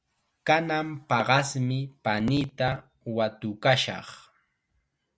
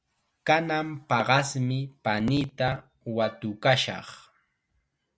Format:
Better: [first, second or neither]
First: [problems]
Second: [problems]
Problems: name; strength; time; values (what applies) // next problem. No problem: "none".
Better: first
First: none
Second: background sound (Wind instrument, woodwind instrument); 17 dB below the speech